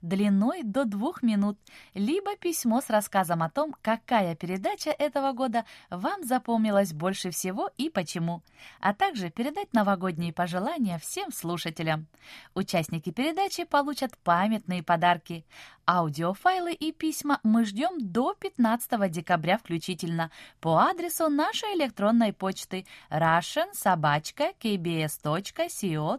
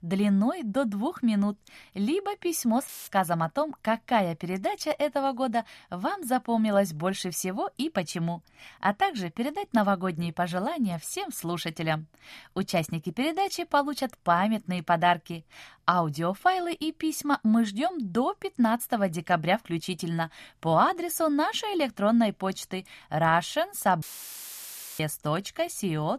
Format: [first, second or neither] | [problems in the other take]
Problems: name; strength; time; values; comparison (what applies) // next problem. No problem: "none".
first | audio cutting out; filled with static; at 3 s and at 24 s for 1 s